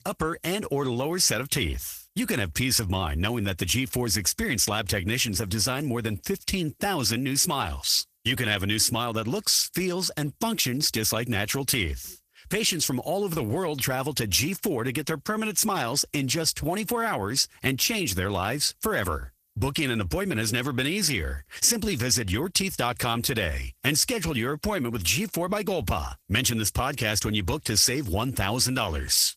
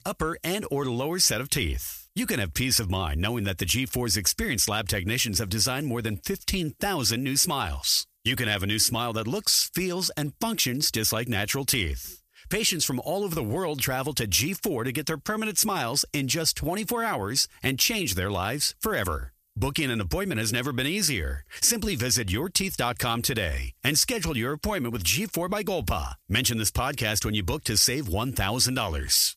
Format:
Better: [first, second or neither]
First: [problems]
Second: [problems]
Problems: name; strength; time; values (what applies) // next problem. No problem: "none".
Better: second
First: garbled, watery; slightly; nothing above 14.5 kHz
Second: none